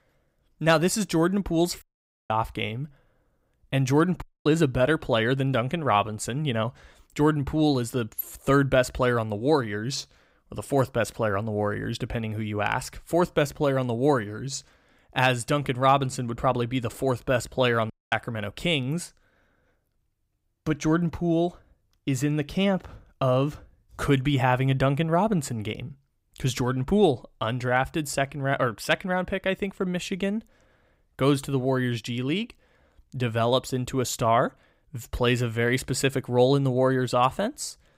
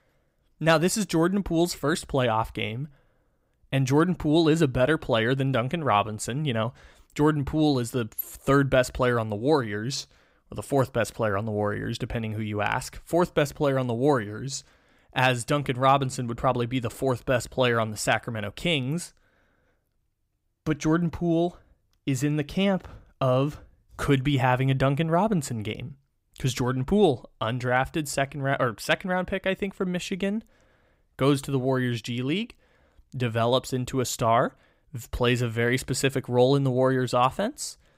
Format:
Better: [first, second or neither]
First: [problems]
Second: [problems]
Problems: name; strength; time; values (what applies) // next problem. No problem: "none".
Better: second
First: audio cutting out; at 2 s, at 4 s and at 18 s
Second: none